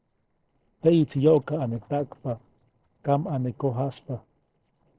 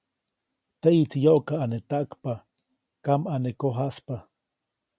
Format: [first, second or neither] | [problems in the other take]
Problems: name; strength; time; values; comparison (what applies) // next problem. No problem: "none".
second | noise reduction (neural separator model SepFormer DNS4)